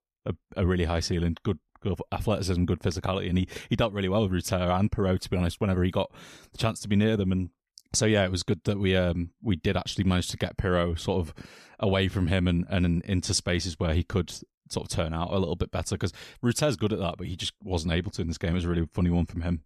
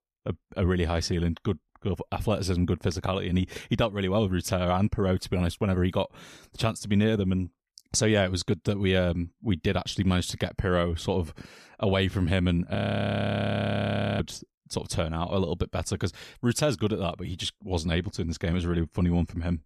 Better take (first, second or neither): first